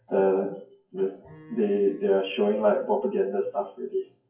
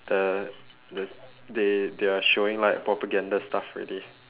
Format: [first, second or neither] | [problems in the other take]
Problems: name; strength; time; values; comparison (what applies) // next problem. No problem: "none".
second | noise reduction (classical method WPE with log-MMSE)